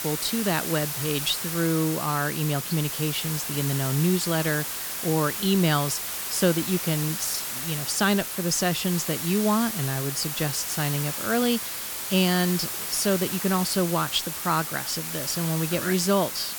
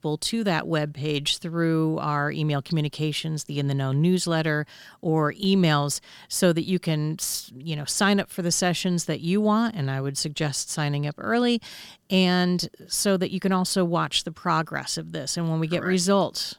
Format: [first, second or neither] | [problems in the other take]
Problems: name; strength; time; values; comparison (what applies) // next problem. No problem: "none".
second | hiss; loud; throughout; 3 dB below the speech